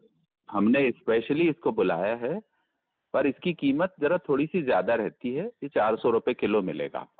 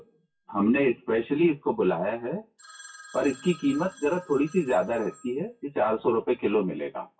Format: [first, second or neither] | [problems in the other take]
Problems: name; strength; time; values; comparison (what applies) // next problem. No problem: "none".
first | noise reduction (classical method WPE with log-MMSE)